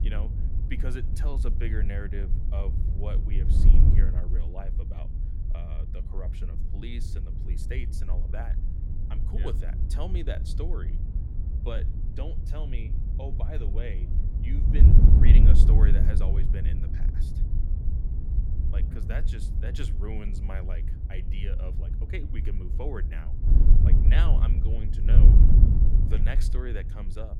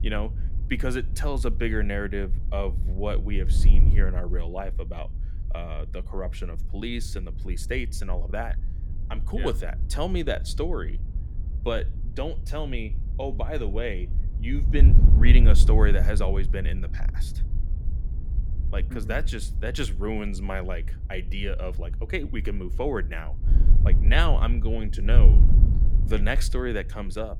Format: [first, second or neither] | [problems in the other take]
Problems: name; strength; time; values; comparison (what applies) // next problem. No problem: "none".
second | wind noise on the microphone; heavy; 1 dB below the speech; occasional gusts in the second